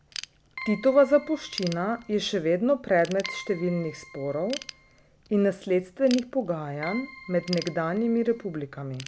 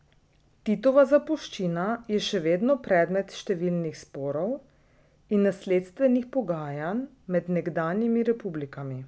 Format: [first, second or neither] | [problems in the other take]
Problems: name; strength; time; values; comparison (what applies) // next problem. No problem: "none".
second | background sound (Ratchet, pawl / Tools + Keyboard (musical)); 16 dB below the speech